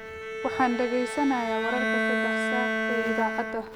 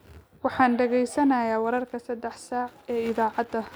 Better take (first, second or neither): second